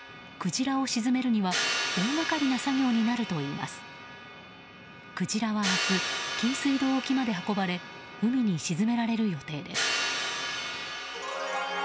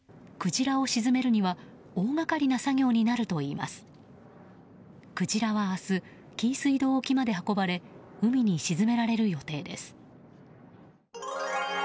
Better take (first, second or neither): second